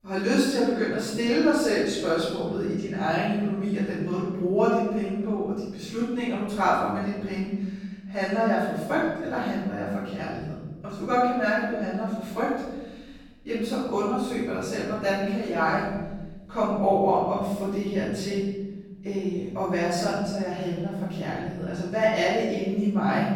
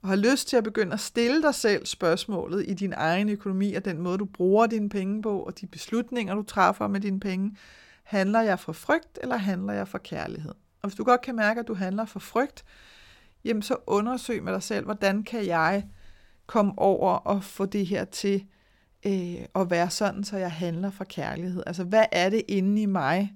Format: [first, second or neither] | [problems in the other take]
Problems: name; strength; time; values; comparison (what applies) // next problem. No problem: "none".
second | off-mic speech; far // room echo; strong; dies away in 1.4 s